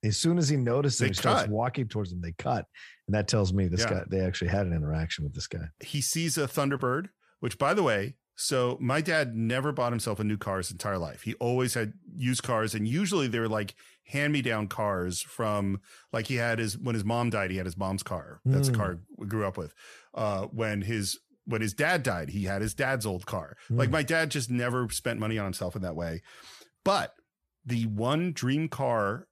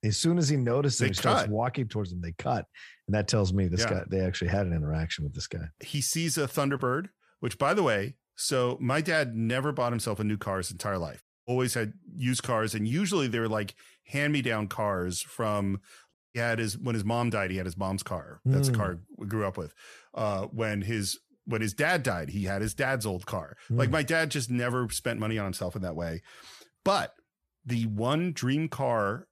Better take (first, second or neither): first